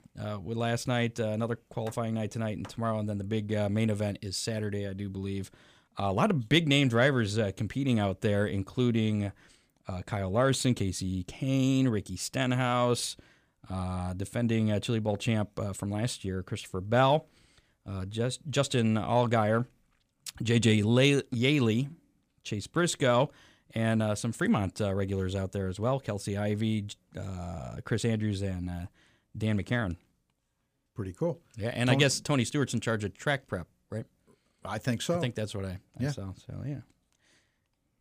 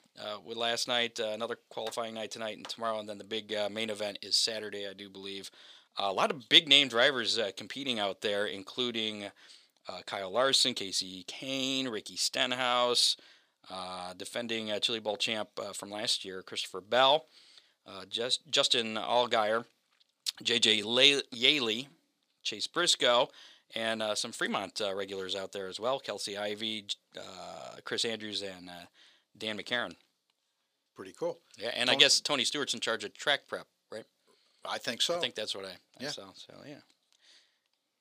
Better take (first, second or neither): first